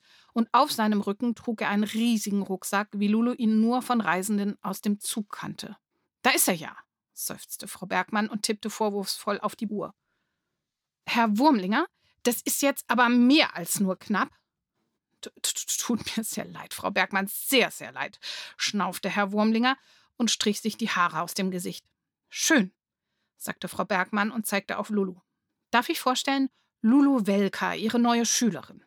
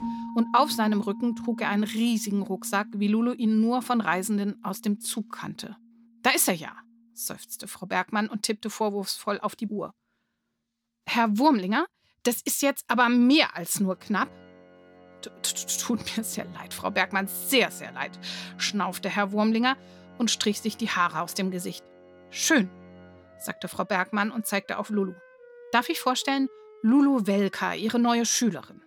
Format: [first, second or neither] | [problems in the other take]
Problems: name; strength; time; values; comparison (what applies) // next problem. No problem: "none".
first | background music; noticeable; throughout; 20 dB below the speech